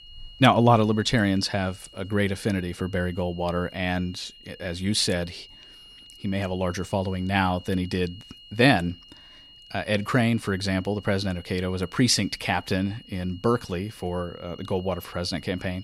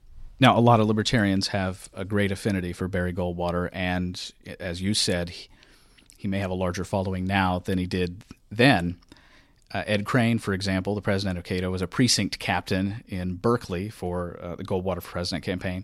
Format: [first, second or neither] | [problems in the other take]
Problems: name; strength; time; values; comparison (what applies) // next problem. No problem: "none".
second | high-pitched whine; faint; throughout; 3 kHz, 20 dB below the speech